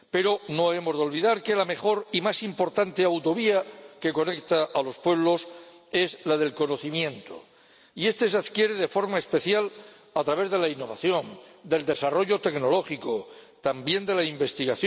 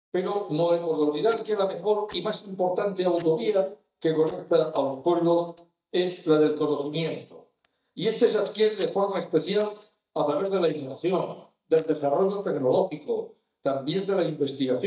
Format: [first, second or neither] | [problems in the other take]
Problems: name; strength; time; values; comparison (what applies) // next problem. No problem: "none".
first | noise reduction (neural mask model DeepFilterNet 3)